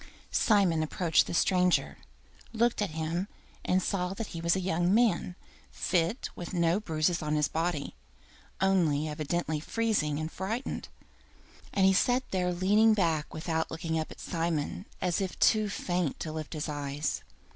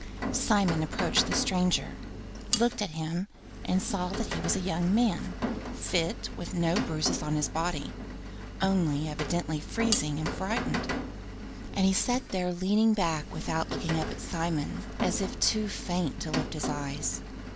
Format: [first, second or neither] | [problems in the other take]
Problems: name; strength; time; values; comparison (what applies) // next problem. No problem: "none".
first | background sound (Rain + Cutlery, silverware); 6 dB below the speech